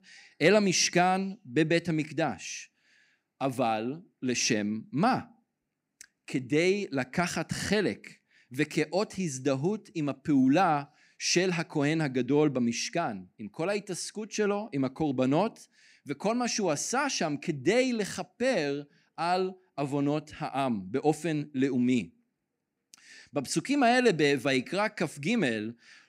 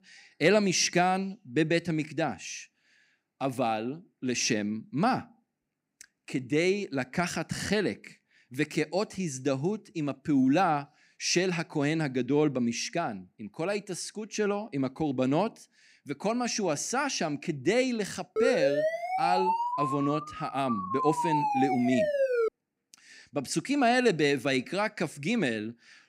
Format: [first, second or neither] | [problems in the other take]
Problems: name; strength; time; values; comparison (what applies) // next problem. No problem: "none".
first | siren; loud; from 18 to 22 s; peak 2 dB above the speech